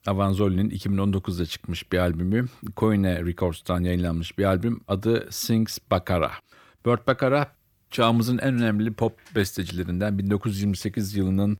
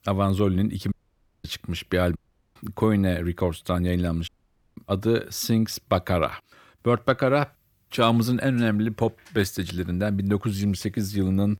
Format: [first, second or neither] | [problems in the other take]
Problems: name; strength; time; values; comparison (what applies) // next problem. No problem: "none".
first | audio cutting out; at 1 s for 0.5 s, at 2 s and at 4.5 s